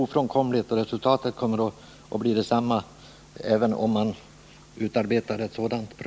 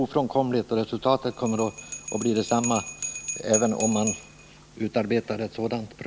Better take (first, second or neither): first